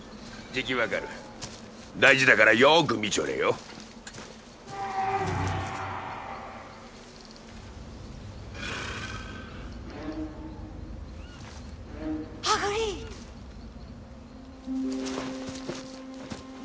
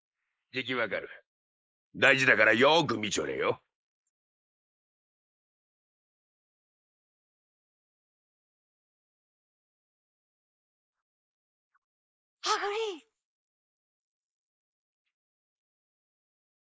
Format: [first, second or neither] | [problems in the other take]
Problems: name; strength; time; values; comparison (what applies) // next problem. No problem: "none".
first | noise reduction (neural mask model Resemble Enhance denoiser)